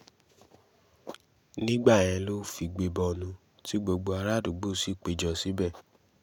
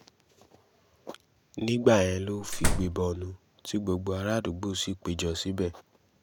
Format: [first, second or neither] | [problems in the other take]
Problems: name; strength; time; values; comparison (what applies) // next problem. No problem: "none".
first | background sound (Slam); 1 dB above the speech